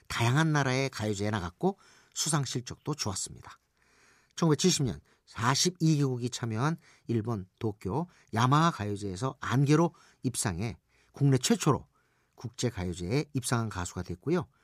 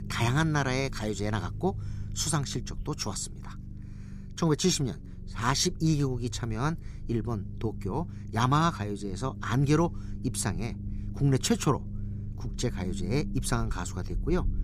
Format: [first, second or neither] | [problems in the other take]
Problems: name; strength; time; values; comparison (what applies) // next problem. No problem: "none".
first | low rumble; noticeable; throughout; 20 dB below the speech